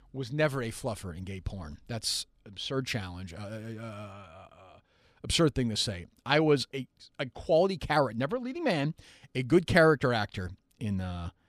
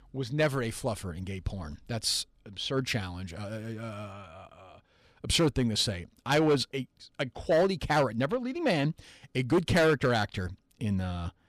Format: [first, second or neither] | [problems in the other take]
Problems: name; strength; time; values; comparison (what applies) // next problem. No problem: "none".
first | distortion; slight; 3% of the sound clipped